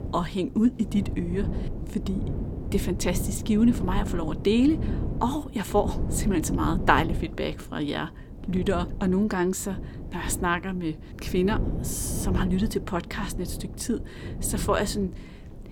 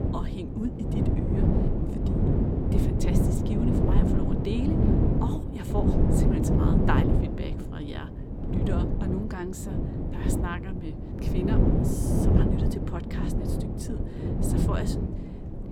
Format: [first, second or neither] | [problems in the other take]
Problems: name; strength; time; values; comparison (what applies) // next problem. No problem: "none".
first | wind noise on the microphone; heavy; 4 dB above the speech; occasional gusts in the first